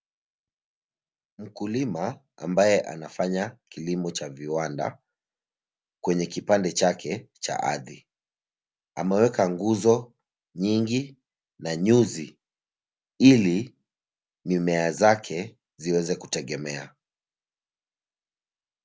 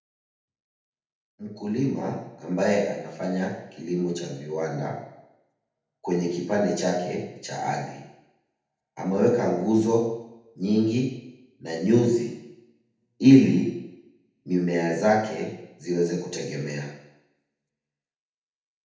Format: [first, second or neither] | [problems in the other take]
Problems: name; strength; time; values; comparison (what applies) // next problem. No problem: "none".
first | room echo; dies away in 0.8 s